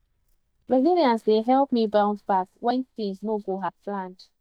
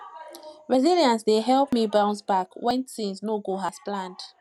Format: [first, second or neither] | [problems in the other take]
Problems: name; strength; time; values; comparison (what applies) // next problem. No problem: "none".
second | noise reduction (neural mask model DeepFilterNet 3)